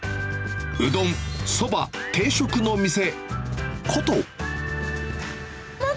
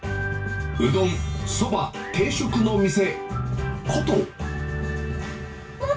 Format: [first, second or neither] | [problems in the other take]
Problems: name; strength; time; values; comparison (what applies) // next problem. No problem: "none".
first | room echo; dies away in 0.2 s